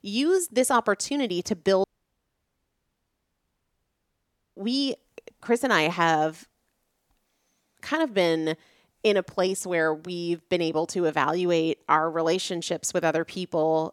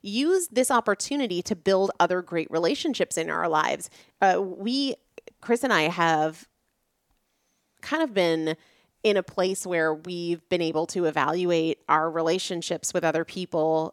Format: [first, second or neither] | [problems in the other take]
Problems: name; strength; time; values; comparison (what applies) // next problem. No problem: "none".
second | audio cutting out; at 2 s for 2.5 s